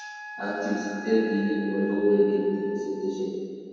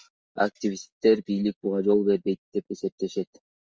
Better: second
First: background sound (Wind instrument, woodwind instrument); 15 dB below the speech // room echo; dies away in 2.1 s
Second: none

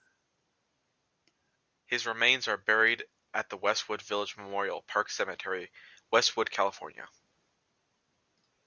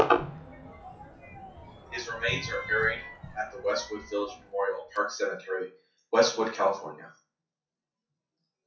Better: first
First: none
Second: noise reduction (classical method WPE with log-MMSE)

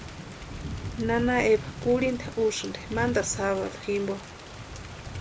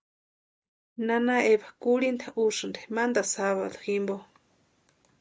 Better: second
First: background sound (Thunder / Rain); 9 dB below the speech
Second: none

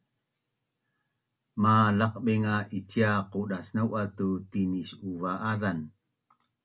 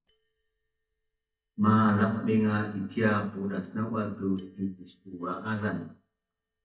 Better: first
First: none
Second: noise reduction (neural mask model DeepFilterNet 3)

